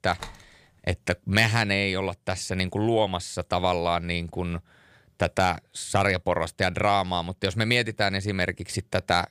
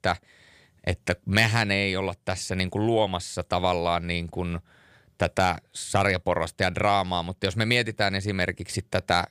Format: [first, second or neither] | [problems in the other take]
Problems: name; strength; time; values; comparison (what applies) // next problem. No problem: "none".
second | door banging; faint; at the start; peak 15 dB below the speech